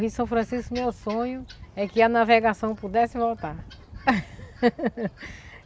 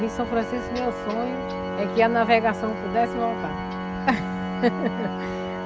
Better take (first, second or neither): first